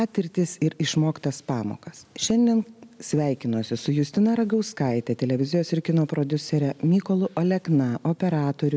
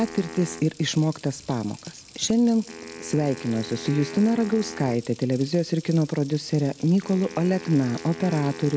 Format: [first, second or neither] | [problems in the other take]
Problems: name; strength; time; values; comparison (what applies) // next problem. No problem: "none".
first | background sound (Wind instrument, woodwind instrument + Water tap, faucet); 16 dB below the speech